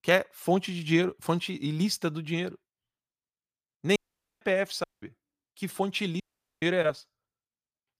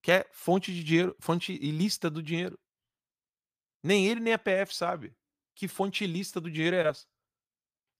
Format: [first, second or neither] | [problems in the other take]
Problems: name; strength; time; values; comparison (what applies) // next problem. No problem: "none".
second | audio cutting out; at 4 s, at 5 s and at 6 s